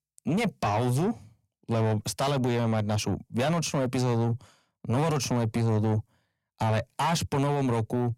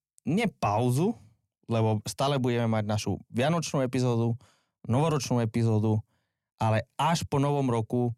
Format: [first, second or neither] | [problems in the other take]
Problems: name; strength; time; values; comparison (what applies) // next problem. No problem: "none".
second | distortion; slight; 10 dB below the speech